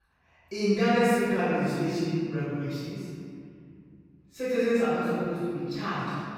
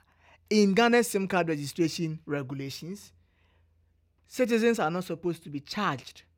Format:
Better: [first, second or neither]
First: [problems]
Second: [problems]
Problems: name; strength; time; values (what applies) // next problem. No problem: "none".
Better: second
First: off-mic speech; far // room echo; strong; dies away in 2.3 s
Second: none